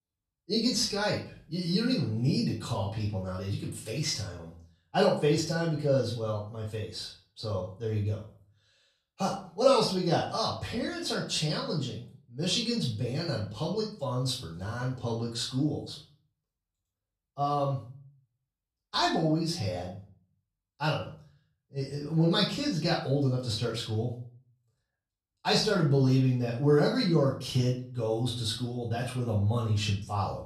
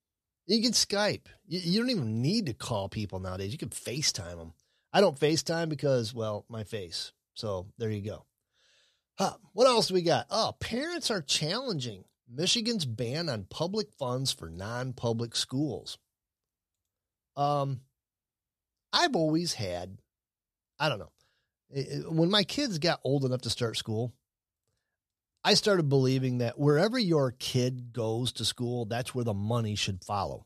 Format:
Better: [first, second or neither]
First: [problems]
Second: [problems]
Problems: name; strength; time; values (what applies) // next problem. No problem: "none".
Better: second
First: off-mic speech; far // room echo; noticeable; dies away in 0.4 s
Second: none